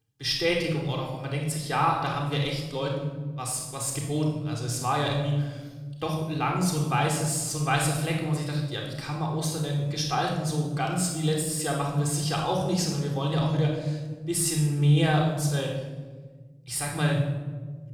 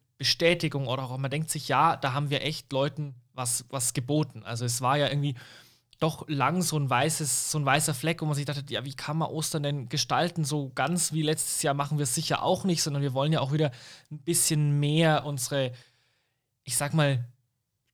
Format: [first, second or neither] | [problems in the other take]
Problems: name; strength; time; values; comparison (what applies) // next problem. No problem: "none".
second | off-mic speech; far // room echo; noticeable; dies away in 1.1 s